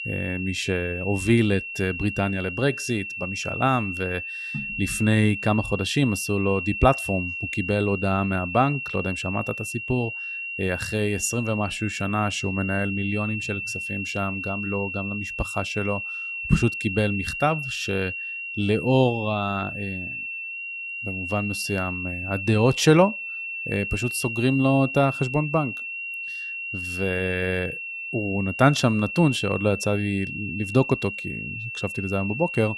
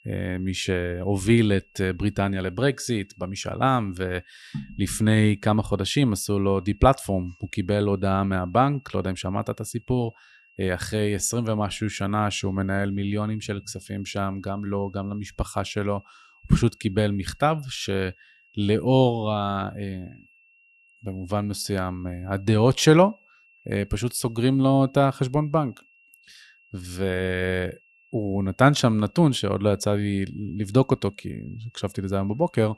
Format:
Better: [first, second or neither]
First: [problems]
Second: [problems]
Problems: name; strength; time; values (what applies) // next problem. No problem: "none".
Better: second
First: high-pitched whine; loud; throughout; 2.5 kHz, 5 dB below the speech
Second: high-pitched whine; faint; throughout; 2.5 kHz, 30 dB below the speech